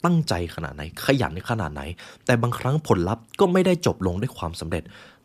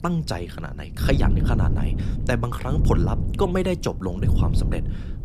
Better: first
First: none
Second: wind noise on the microphone; heavy; 7 dB below the speech

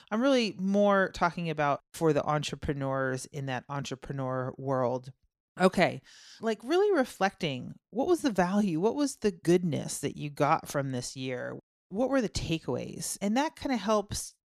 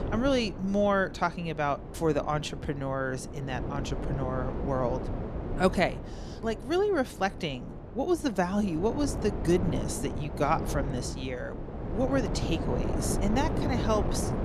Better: first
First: none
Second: wind noise on the microphone; heavy; 9 dB below the speech

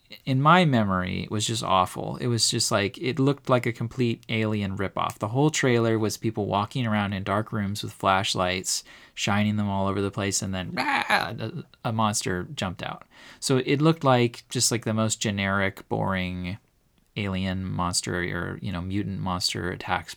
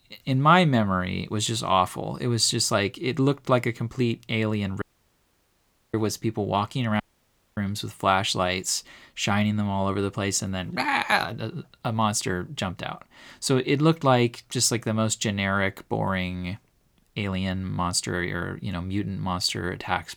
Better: first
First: none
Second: audio cutting out; at 5 s for 1 s and at 7 s for 0.5 s

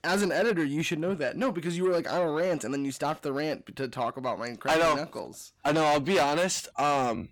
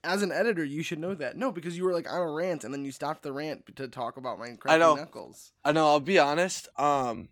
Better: second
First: distortion; heavy; 7 dB below the speech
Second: none

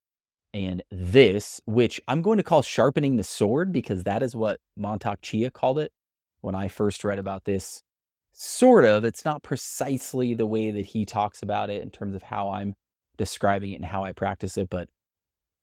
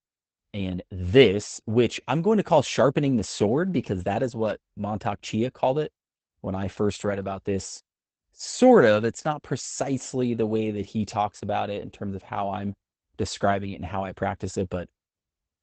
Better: first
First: garbled, watery; slightly; nothing above 17 kHz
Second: garbled, watery; badly; nothing above 8 kHz

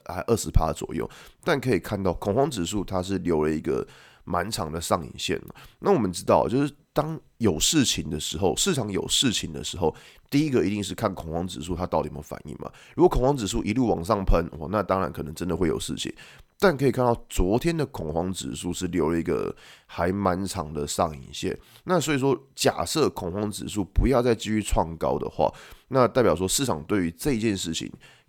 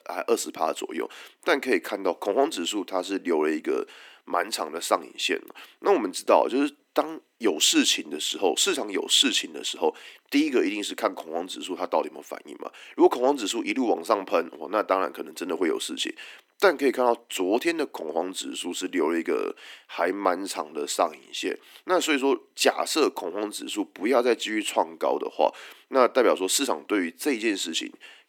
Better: first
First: none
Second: thin; very slightly; fading below 300 Hz

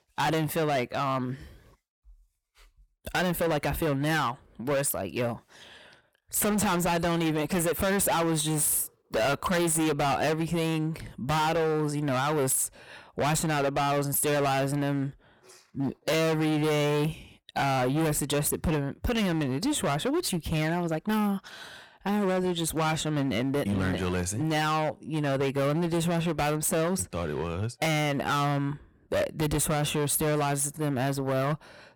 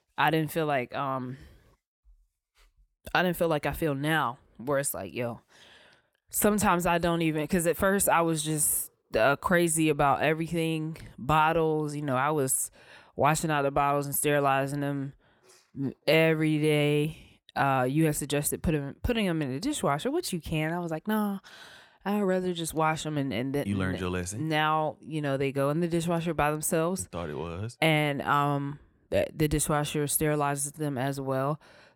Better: second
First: distortion; heavy; 22% of the sound clipped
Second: none

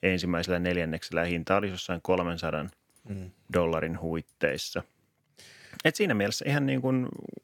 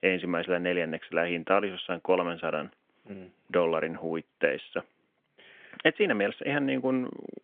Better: first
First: none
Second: phone-call audio; nothing above 3.5 kHz

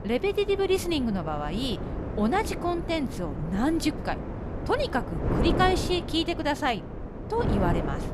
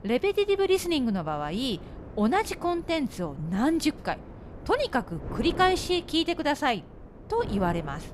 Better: second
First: wind noise on the microphone; heavy; 8 dB below the speech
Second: wind noise on the microphone; occasional gusts; 20 dB below the speech

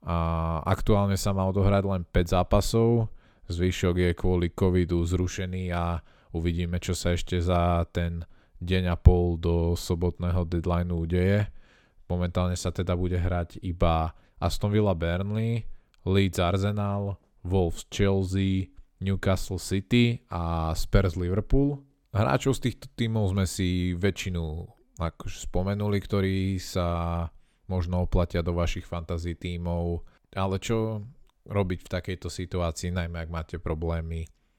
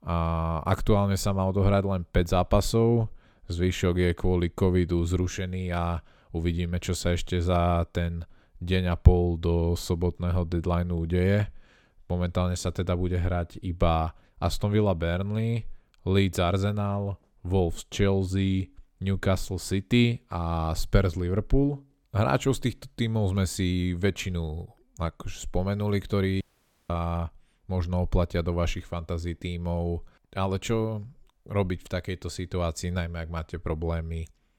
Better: first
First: none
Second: audio cutting out; at 26 s

